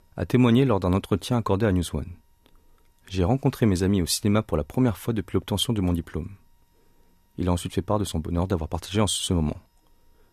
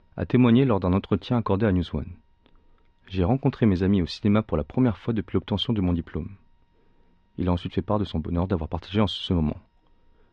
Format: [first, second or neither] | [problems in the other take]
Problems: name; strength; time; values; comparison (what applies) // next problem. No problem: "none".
first | muffled; slightly; fading above 4 kHz